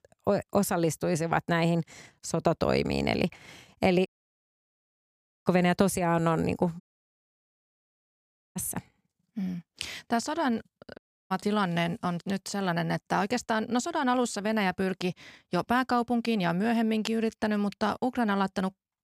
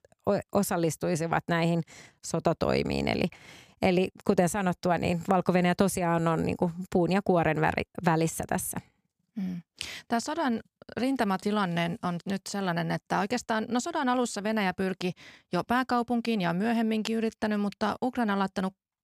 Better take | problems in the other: second | audio cutting out; at 4 s for 1.5 s, at 7 s for 2 s and at 11 s

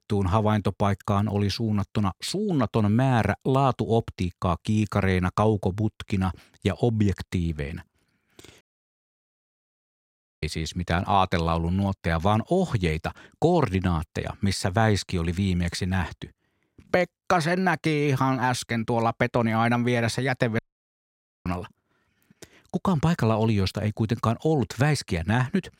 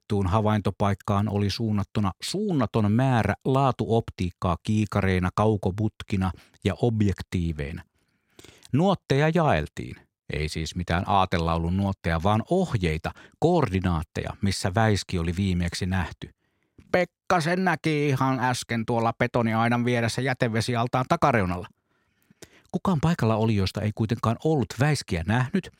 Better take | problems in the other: second | audio cutting out; at 8.5 s for 2 s and at 21 s for 1 s

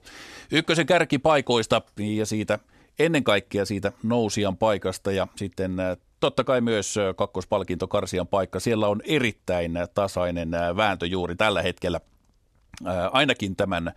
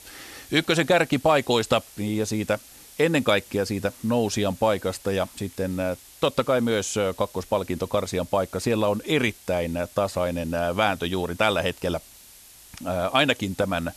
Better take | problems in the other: first | hiss; faint; throughout; 20 dB below the speech

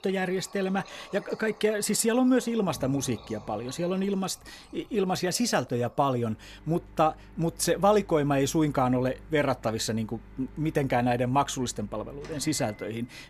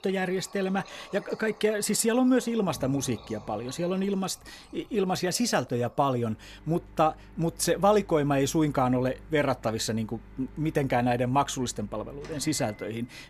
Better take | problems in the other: neither | household noises; faint; throughout; 20 dB below the speech; the same in both

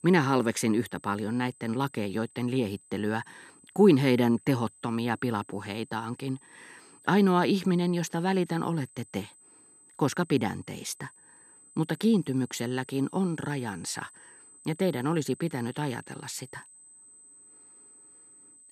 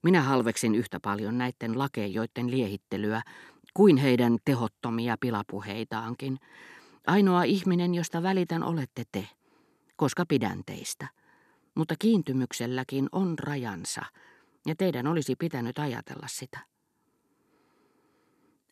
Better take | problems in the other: second | high-pitched whine; faint; throughout; 8 kHz, 25 dB below the speech

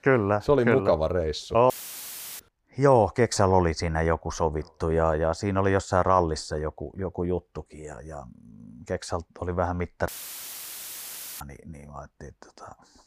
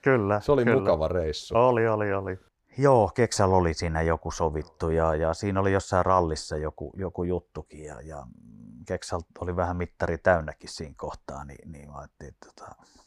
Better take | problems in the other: second | audio cutting out; filled with static; at 1.5 s for 0.5 s and at 10 s for 1.5 s

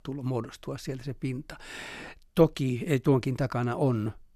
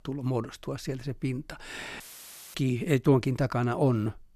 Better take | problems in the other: first | audio cutting out; filled with static; at 2 s for 0.5 s

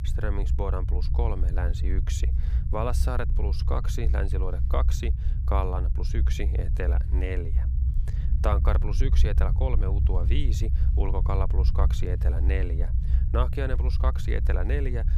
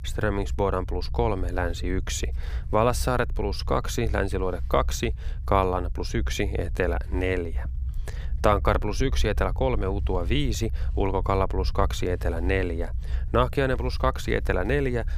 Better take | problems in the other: second | low rumble; loud; throughout; 9 dB below the speech; faint in the second

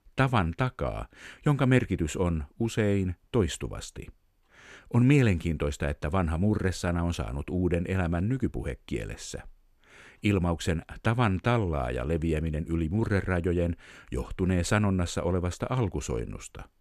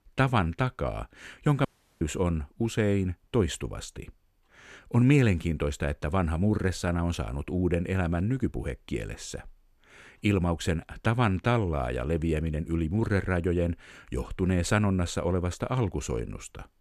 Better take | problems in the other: first | audio cutting out; at 1.5 s

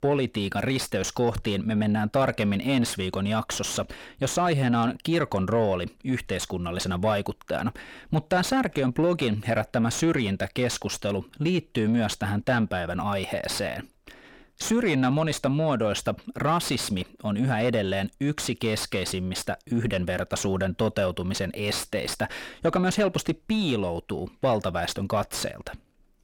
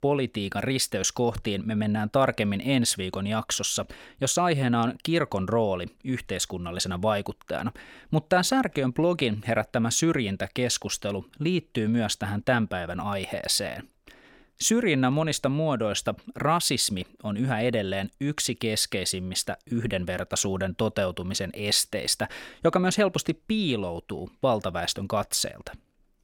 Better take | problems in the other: second | distortion; slight; 10 dB below the speech

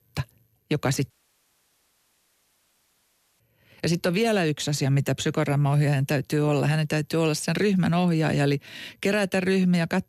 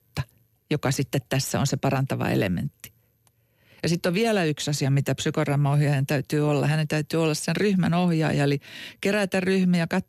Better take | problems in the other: second | audio cutting out; at 1 s for 2.5 s

